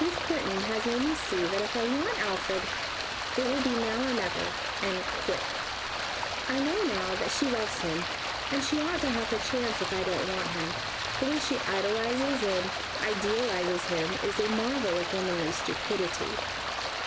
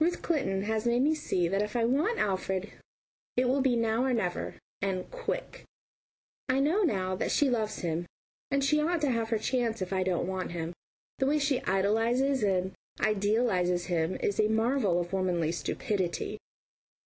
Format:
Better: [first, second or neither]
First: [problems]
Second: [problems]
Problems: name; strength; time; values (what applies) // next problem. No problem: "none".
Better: second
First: background sound (Stream); 1 dB below the speech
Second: none